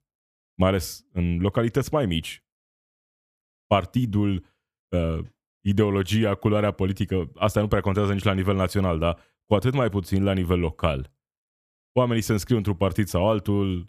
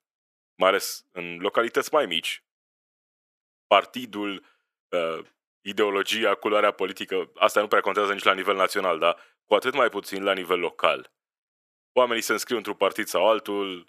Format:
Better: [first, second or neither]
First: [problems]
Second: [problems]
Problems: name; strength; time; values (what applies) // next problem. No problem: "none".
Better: first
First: none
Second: thin; very; fading below 400 Hz